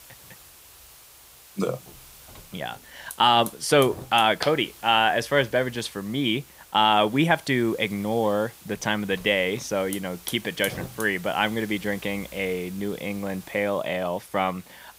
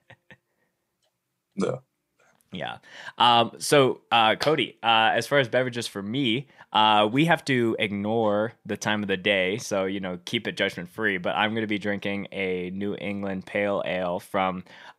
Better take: second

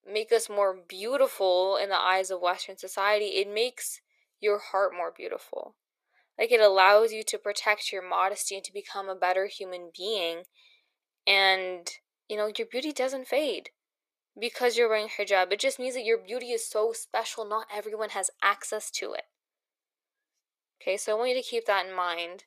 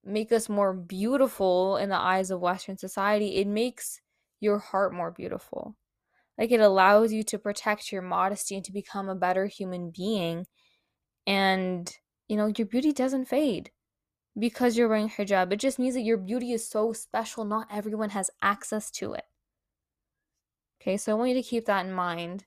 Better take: second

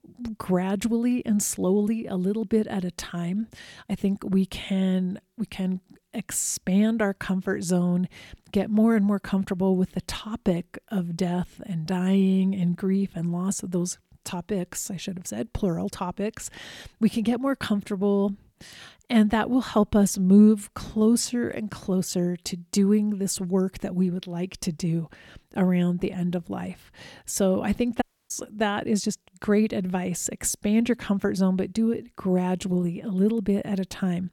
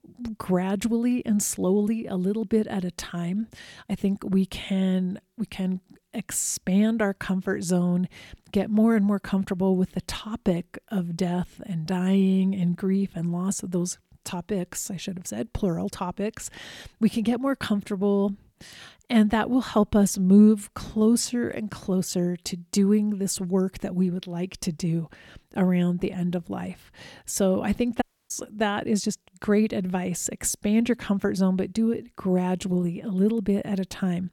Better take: neither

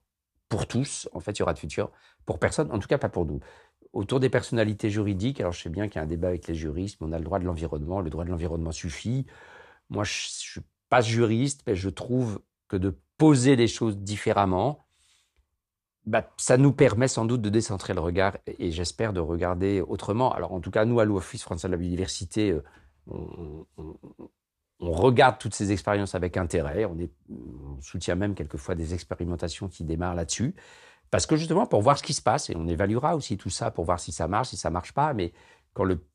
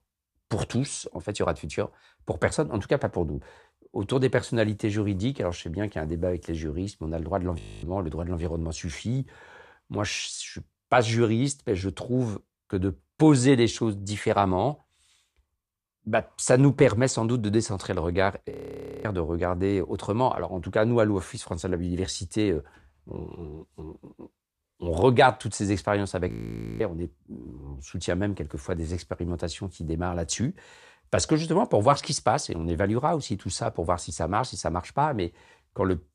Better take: first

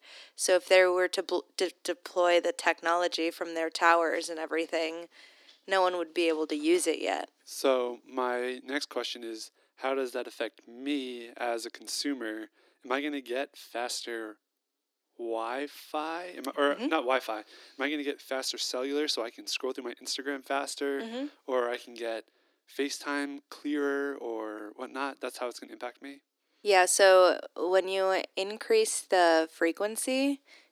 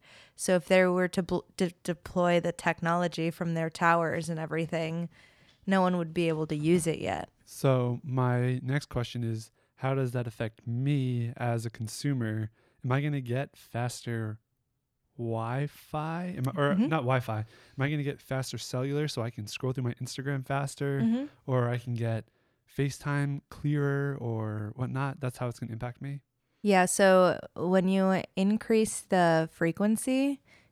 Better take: second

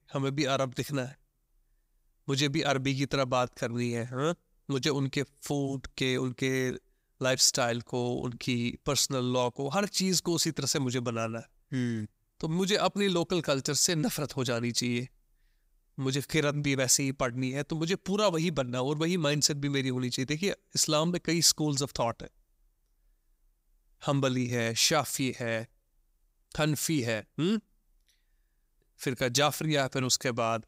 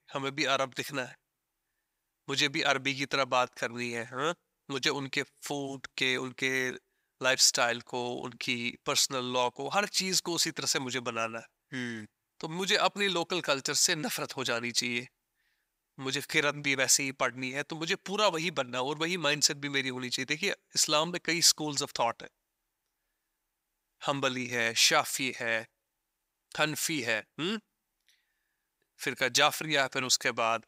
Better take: first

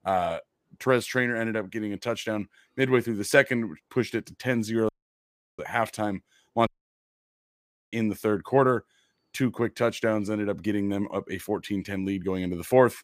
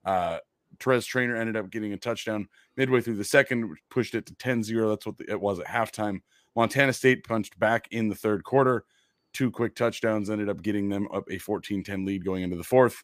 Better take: second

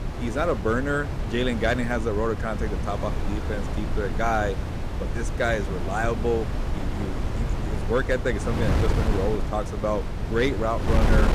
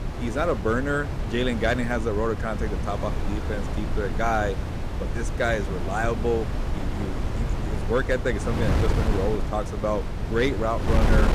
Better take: neither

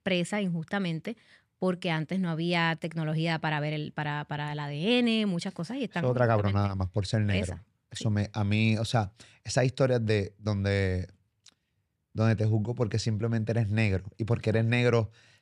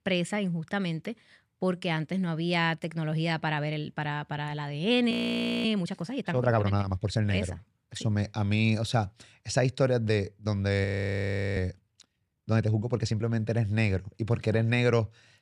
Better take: first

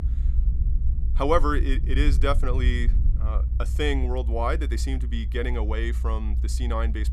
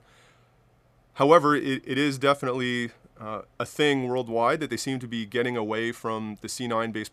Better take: second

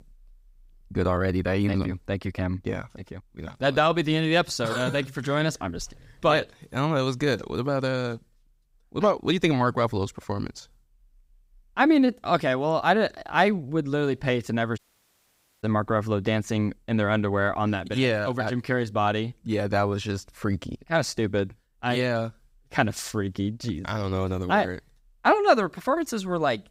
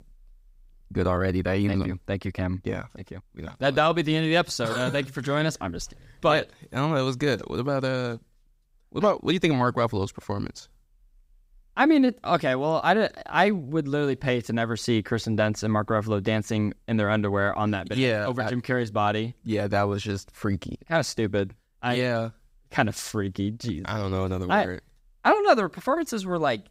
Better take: second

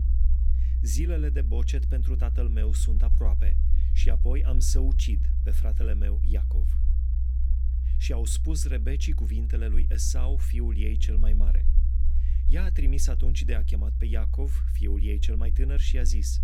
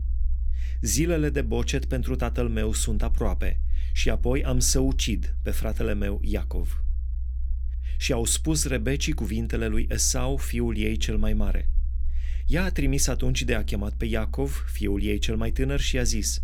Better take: second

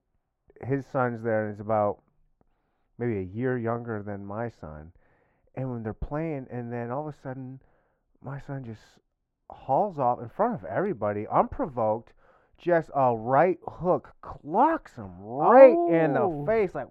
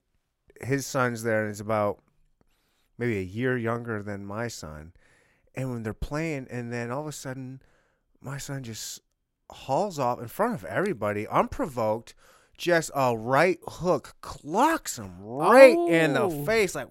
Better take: second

